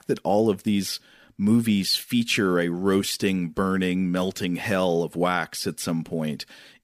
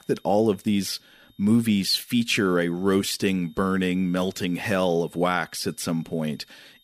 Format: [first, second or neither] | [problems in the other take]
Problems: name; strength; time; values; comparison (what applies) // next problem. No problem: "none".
first | high-pitched whine; faint; throughout; 3.5 kHz, 35 dB below the speech